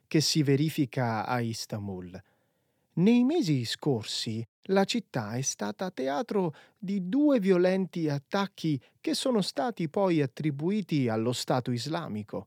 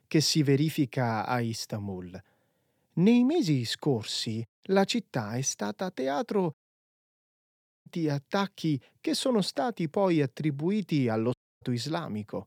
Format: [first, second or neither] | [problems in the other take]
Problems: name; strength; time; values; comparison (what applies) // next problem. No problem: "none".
first | audio cutting out; at 6.5 s for 1.5 s and at 11 s